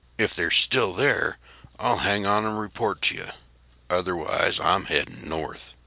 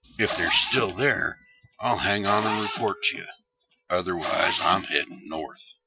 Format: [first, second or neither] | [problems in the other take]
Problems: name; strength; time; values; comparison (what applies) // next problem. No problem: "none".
first | noise reduction (classical method Wiener filter)